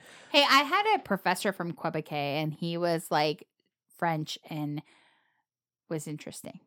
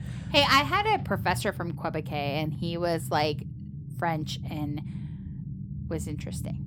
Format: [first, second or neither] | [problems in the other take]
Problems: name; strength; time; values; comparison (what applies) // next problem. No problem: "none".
first | low rumble; faint; throughout; 20 dB below the speech